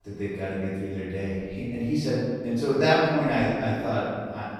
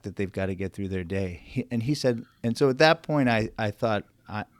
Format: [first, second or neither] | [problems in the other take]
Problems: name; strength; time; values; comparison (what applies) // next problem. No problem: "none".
second | off-mic speech; far // room echo; strong; dies away in 1.6 s